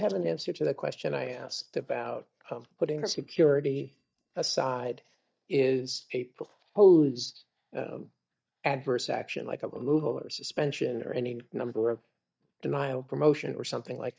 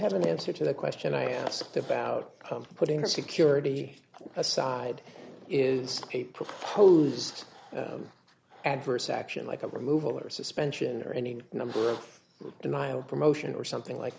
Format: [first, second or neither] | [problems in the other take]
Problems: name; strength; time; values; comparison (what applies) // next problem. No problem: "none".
second | noise reduction (neural mask model DeepFilterNet 3)